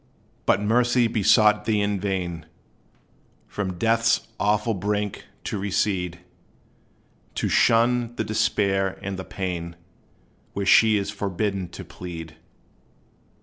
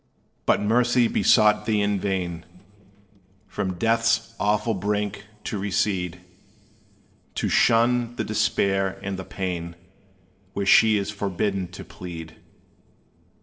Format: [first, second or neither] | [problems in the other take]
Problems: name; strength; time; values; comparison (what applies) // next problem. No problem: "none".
first | noise reduction (neural separator model SepFormer DNS4)